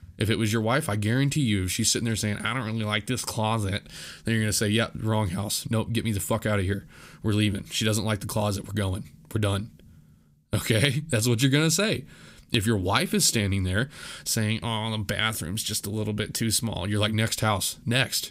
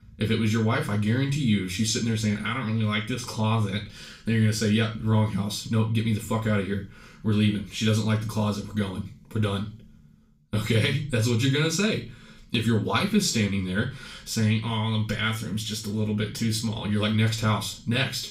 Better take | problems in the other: first | room echo; slight; dies away in 0.3 s // off-mic speech; far

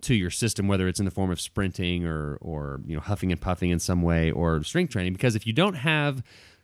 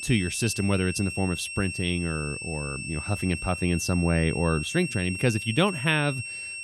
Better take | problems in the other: first | high-pitched whine; loud; throughout; 2.5 kHz, 7 dB below the speech

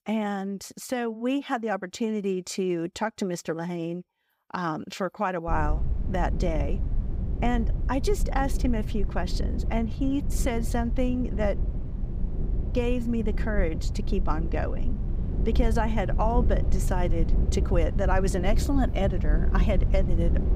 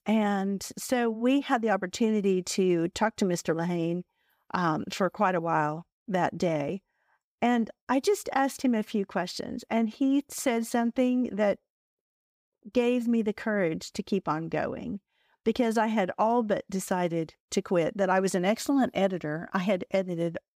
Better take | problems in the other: second | low rumble; noticeable; from 5.5 s on; 10 dB below the speech

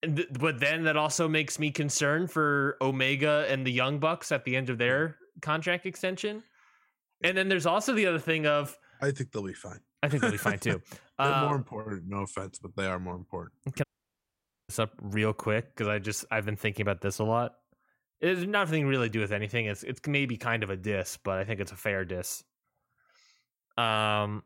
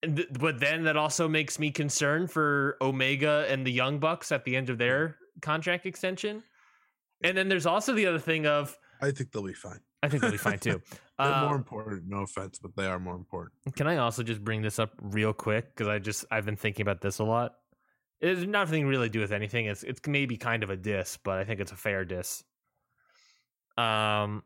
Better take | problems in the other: second | audio cutting out; at 14 s for 1 s

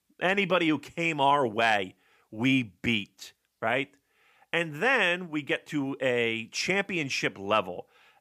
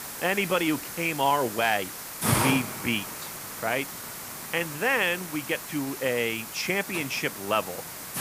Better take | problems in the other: first | hiss; loud; throughout; 6 dB below the speech

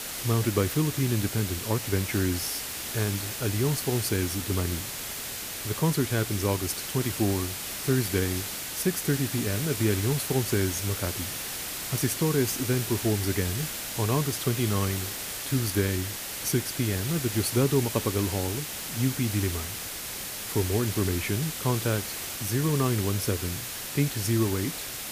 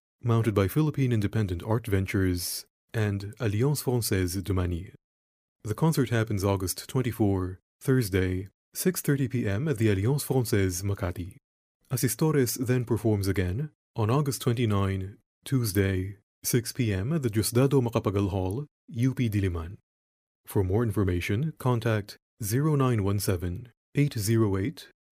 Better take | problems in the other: second | hiss; loud; throughout; 4 dB below the speech

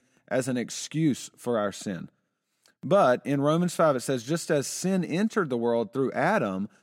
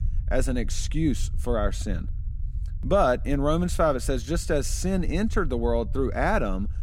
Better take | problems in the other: first | low rumble; faint; throughout; 25 dB below the speech

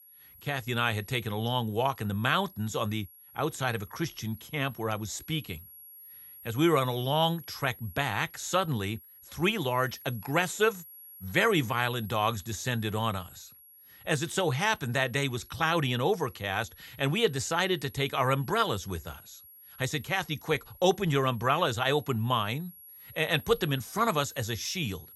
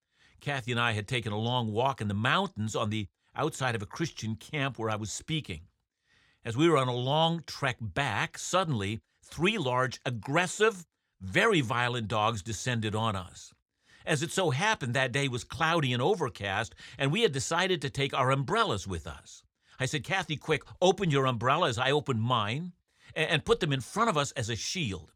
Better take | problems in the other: second | high-pitched whine; noticeable; throughout; 11.5 kHz, 20 dB below the speech

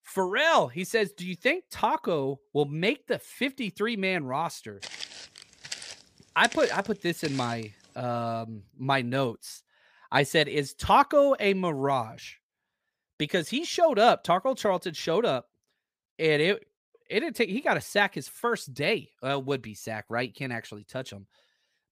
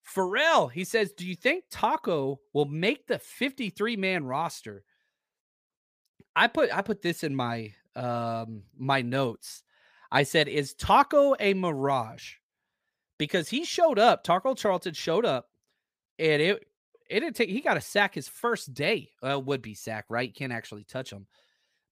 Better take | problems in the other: second | footsteps; noticeable; from 5 to 7.5 s; peak 8 dB below the speech

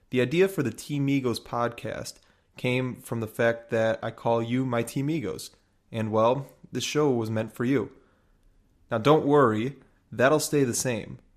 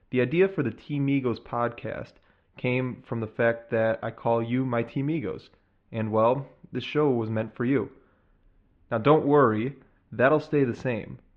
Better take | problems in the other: first | muffled; very; fading above 3 kHz

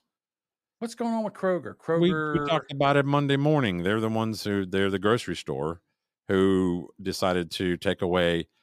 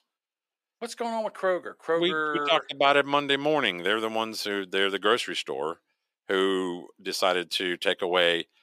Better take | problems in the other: first | thin; somewhat; fading below 400 Hz

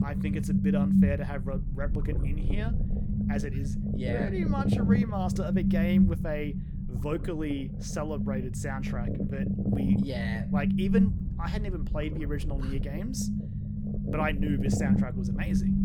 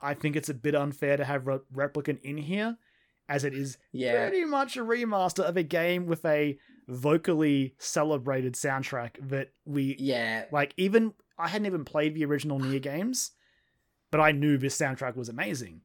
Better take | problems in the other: second | low rumble; loud; throughout; 1 dB below the speech

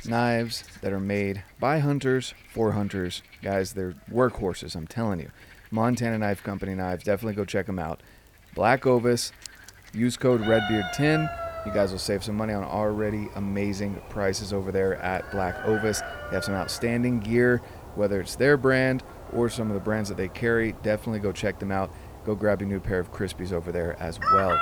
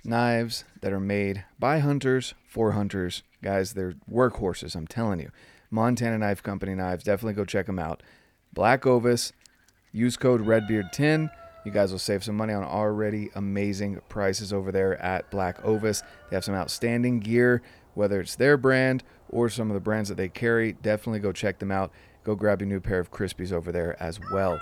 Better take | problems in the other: second | animal sounds; loud; throughout; 9 dB below the speech; faint in the second

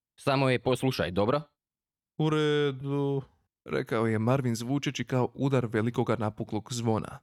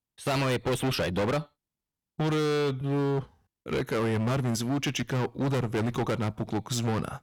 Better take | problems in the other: first | distortion; heavy; 22% of the sound clipped

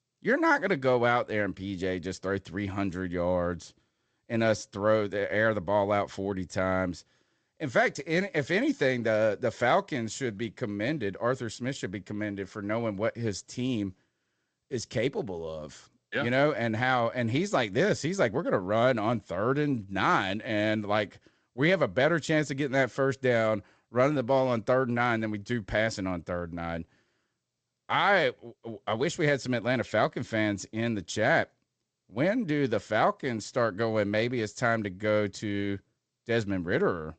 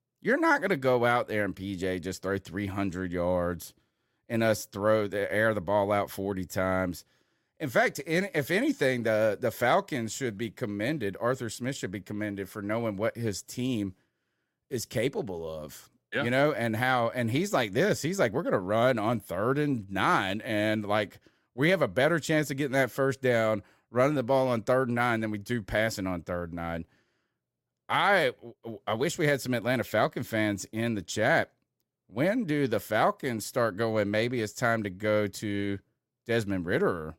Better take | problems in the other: second | garbled, watery; slightly; nothing above 8 kHz

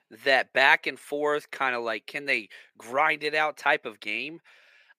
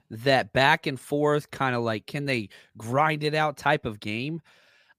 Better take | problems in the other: second | thin; somewhat; fading below 450 Hz

